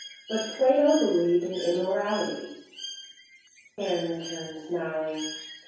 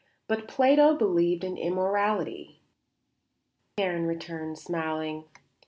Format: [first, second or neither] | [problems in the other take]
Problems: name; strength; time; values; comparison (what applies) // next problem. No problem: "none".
second | background sound (Bird); 14 dB below the speech // room echo; dies away in 0.7 s